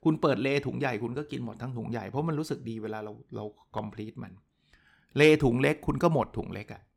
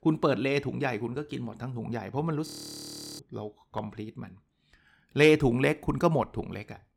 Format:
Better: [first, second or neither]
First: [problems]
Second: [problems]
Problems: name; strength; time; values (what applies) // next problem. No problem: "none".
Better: first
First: none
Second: audio freezing; at 2.5 s for 0.5 s